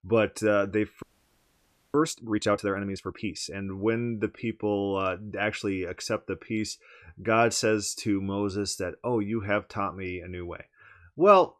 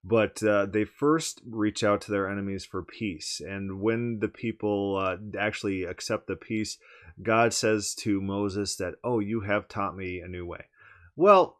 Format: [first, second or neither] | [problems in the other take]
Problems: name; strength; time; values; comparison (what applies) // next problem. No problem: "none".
second | audio freezing; at 1 s for 1 s